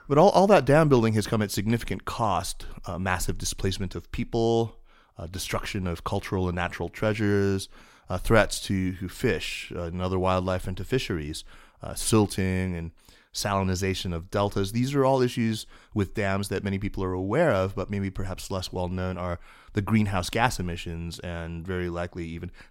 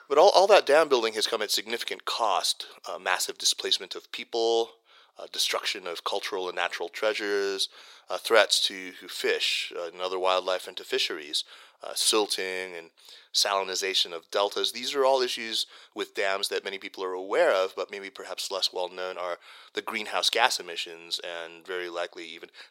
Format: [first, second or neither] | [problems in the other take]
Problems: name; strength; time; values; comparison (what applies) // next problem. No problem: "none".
first | thin; very; fading below 450 Hz